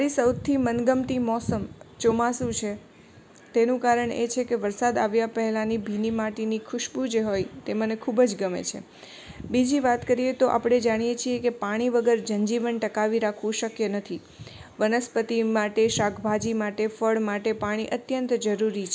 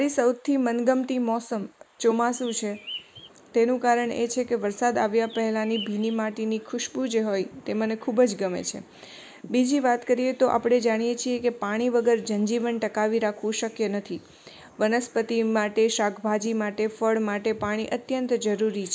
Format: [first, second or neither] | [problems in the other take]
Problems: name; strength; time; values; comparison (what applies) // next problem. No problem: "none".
first | noise reduction (neural mask model Resemble Enhance denoiser)